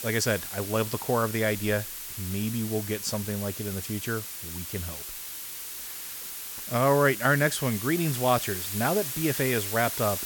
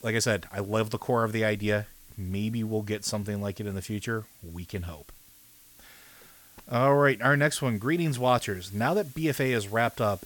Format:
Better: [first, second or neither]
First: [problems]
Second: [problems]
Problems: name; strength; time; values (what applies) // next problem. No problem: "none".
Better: second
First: hiss; loud; throughout; 6 dB below the speech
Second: hiss; faint; throughout; 25 dB below the speech